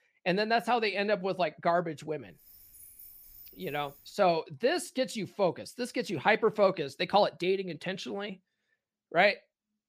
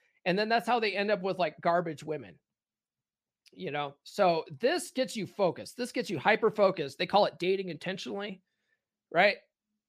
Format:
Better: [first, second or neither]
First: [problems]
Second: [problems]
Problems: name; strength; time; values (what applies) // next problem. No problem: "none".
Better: second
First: jangling keys; faint; from 2.5 to 4 s; peak 20 dB below the speech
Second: none